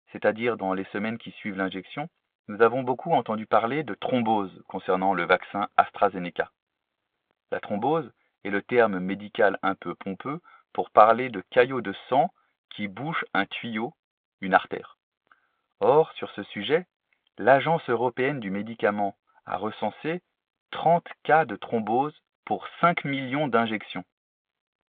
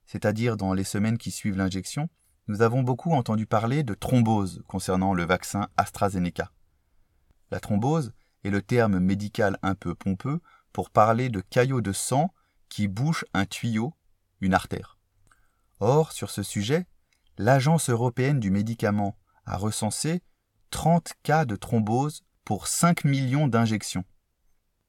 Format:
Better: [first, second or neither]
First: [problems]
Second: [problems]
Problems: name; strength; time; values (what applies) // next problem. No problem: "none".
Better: second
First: phone-call audio; nothing above 3.5 kHz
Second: none